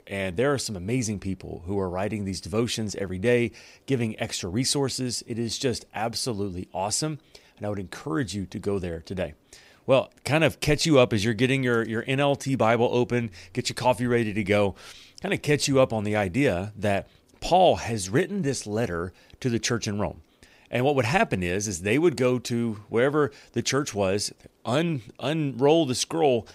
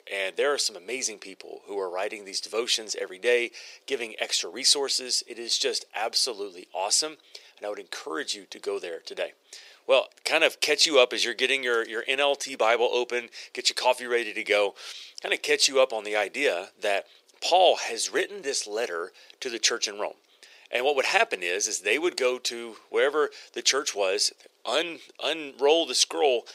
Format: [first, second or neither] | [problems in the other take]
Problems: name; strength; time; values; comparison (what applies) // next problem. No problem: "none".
first | thin; very; fading below 400 Hz